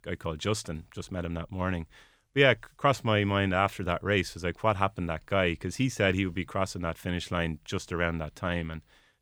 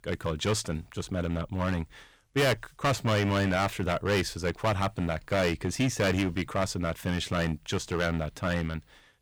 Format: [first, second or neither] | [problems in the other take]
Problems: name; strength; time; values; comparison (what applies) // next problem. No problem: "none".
first | distortion; heavy; 9% of the sound clipped